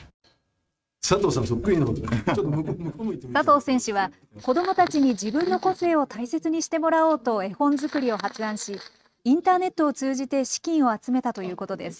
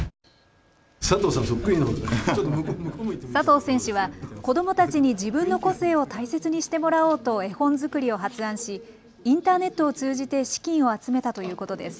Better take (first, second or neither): second